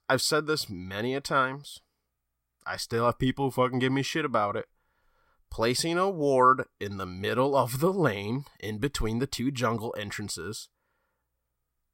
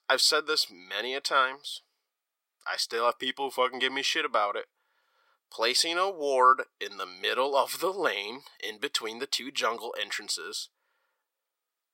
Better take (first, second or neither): first